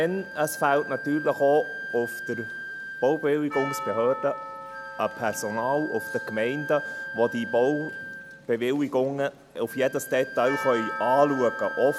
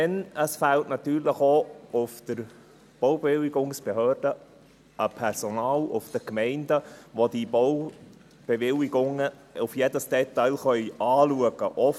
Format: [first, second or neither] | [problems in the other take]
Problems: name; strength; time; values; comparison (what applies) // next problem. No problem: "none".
second | background sound (Percussion + Wind instrument, woodwind instrument); 10 dB below the speech